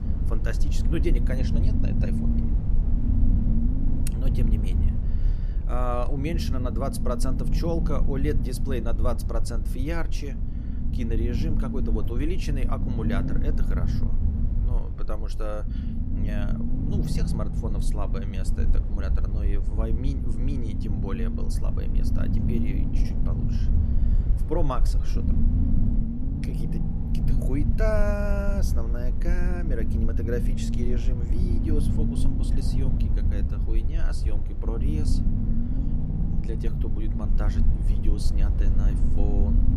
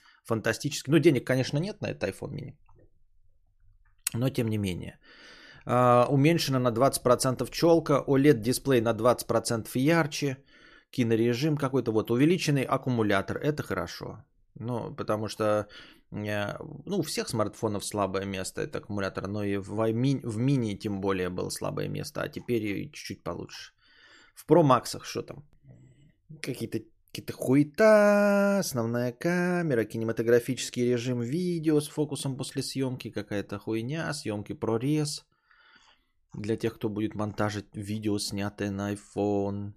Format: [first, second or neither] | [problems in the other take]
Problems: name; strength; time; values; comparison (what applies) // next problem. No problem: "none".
second | low rumble; loud; throughout; 4 dB below the speech